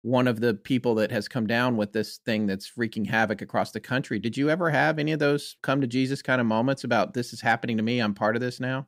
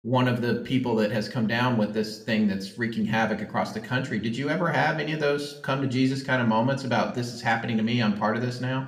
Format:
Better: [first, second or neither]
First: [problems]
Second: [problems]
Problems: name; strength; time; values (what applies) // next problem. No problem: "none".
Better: first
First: none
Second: room echo; slight; dies away in 0.5 s